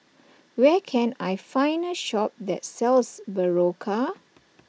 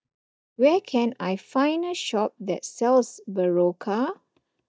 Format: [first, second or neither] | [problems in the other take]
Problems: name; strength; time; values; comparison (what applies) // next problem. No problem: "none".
first | noise reduction (neural mask model DeepFilterNet 3)